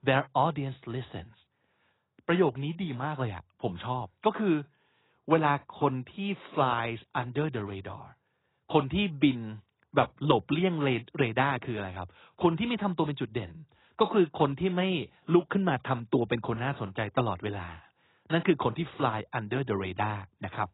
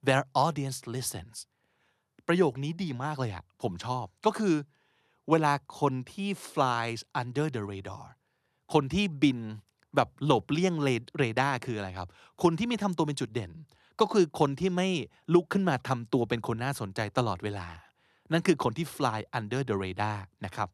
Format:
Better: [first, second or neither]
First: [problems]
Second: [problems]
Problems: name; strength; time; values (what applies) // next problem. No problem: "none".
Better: second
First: garbled, watery; badly; nothing above 4 kHz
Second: none